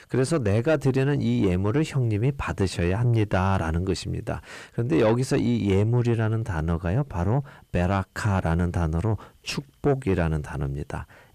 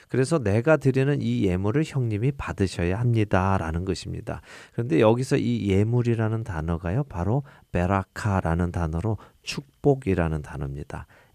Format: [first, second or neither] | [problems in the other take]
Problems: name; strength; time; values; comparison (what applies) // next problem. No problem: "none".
second | distortion; slight; 10 dB below the speech